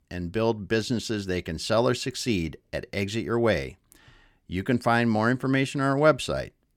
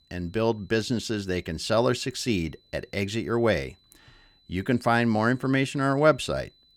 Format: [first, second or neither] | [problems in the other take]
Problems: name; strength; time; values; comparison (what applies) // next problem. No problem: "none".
first | high-pitched whine; faint; throughout; 4 kHz, 35 dB below the speech